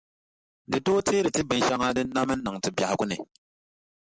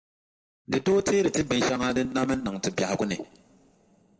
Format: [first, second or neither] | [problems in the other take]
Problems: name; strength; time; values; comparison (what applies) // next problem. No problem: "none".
first | room echo; dies away in 1.2 s